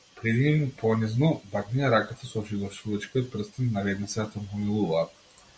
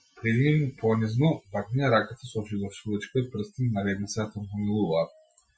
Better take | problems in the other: first | noise reduction (classical method Wiener filter)

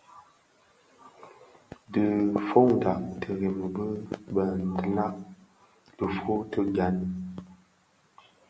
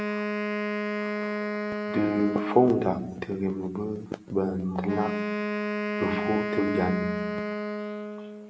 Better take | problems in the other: first | background sound (Wind instrument, woodwind instrument); 2 dB below the speech

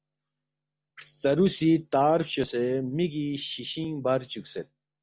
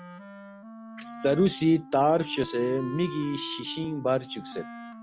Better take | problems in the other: first | background sound (Wind instrument, woodwind instrument); 14 dB below the speech

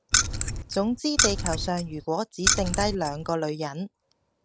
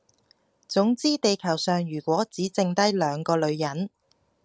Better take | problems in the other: second | background sound (Keys jangling); 3 dB above the speech

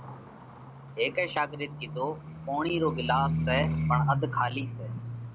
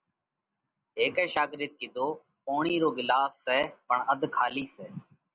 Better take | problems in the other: second | background sound (Livestock, farm animals, working animals); 2 dB below the speech

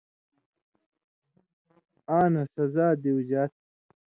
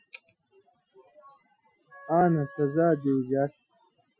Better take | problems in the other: first | noise reduction (classical method Wiener filter)

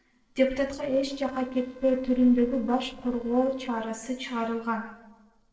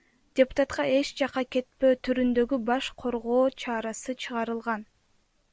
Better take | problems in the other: second | noise reduction (neural separator model SepFormer DNS4)

